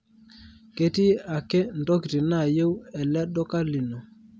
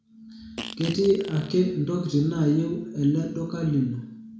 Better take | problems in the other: first | background sound (Fart); 14 dB below the speech // room echo; dies away in 0.6 s

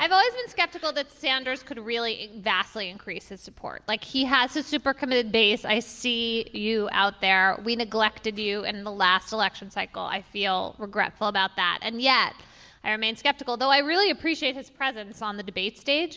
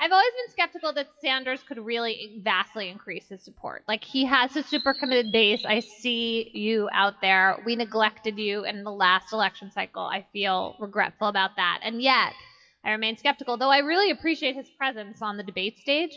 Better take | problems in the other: first | noise reduction (classical method WPE with log-MMSE)

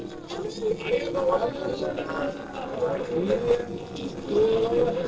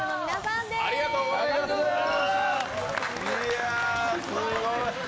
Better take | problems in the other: second | noise reduction (neural separator model SepFormer DNS4)

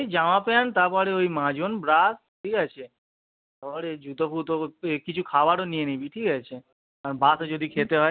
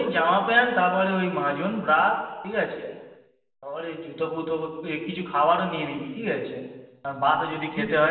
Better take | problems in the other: first | room echo; dies away in 1.2 s

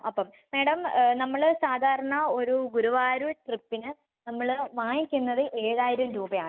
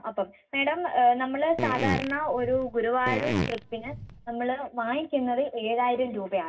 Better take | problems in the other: first | background sound (Fart); 4 dB below the speech // room echo; dies away in 0.4 s

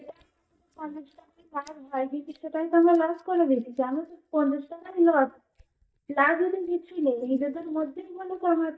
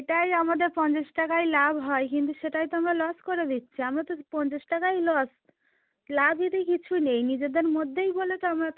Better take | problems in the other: second | noise reduction (neural mask model DeepFilterNet 3)

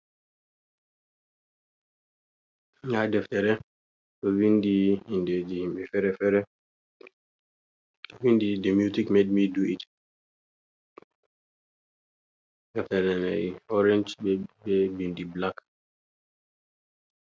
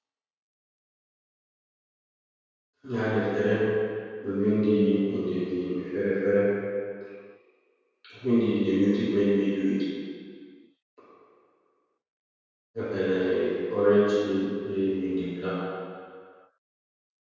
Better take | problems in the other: first | room echo; dies away in 1.9 s

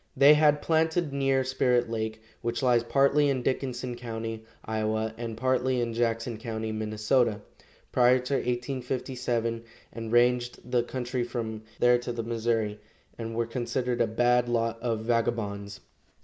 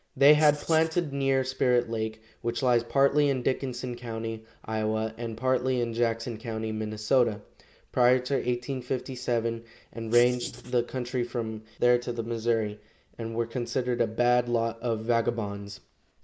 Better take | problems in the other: first | noise reduction (neural mask model Resemble Enhance denoiser)

